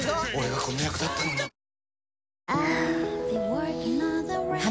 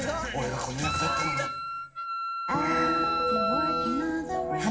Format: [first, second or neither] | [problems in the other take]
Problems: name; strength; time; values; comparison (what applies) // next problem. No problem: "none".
first | background sound (Wind instrument, woodwind instrument); 1 dB below the speech // room echo; dies away in 1.6 s